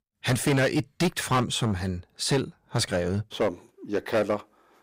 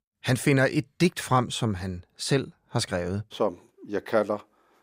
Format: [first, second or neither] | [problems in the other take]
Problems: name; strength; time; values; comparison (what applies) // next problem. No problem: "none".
second | distortion; heavy; 8% of the sound clipped